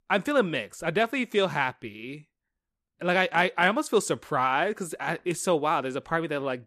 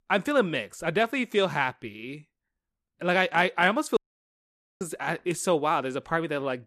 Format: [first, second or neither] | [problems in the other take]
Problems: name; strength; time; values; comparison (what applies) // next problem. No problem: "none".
first | audio cutting out; at 4 s for 1 s